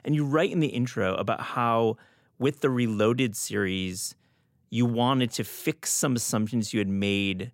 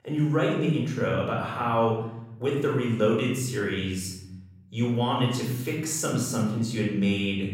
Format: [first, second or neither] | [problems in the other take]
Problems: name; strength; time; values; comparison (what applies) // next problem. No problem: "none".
first | off-mic speech; far // room echo; noticeable; dies away in 1.1 s